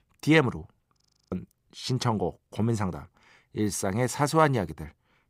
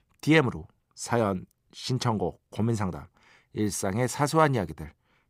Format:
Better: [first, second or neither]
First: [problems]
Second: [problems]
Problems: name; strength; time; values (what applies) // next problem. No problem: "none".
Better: second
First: audio freezing; at 1 s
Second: none